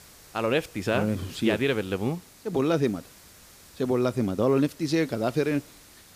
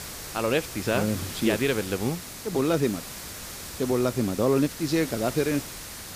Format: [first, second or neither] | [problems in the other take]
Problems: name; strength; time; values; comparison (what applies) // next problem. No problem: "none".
first | hiss; loud; throughout; 10 dB below the speech; faint in the first